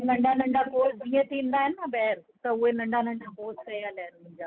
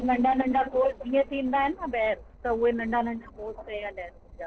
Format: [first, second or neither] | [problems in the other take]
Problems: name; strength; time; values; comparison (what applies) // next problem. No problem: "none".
first | noise reduction (neural separator model SepFormer DNS4)